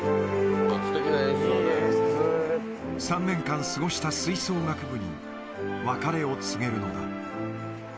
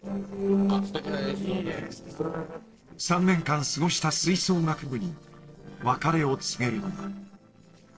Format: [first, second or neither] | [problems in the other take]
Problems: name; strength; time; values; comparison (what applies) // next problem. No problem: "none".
first | noise reduction (neural separator model SepFormer DNS4)